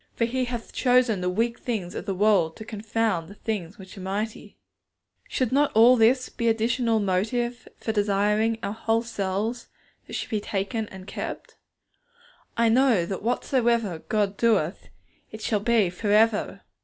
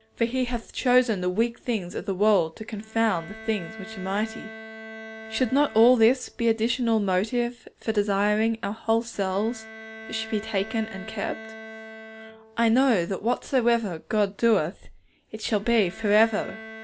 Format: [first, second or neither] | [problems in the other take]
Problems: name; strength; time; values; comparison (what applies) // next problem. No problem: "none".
first | background sound (Bowed string instrument); 18 dB below the speech